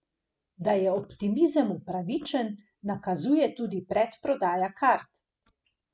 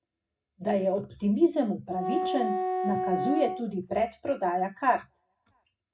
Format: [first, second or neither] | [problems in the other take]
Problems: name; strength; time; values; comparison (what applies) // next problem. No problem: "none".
first | background sound (Wind instrument, woodwind instrument); 3 dB below the speech // room echo; dies away in 0.2 s